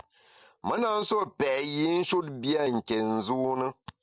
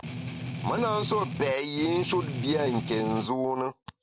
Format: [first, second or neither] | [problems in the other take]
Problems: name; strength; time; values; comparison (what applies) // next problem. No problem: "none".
first | background sound (Strum); 6 dB below the speech